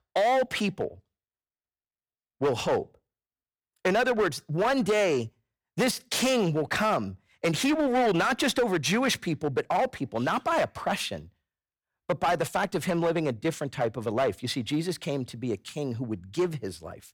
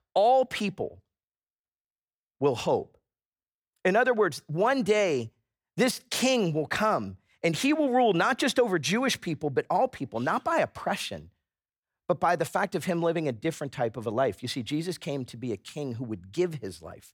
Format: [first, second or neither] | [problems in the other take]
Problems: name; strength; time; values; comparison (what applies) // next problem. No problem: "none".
second | distortion; slight; 8% of the sound clipped